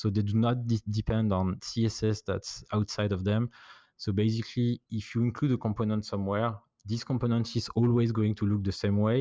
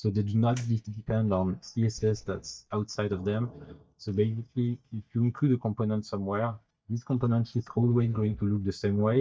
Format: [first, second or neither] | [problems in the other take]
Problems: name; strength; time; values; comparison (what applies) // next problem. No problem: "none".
first | noise reduction (neural mask model DeepFilterNet 3)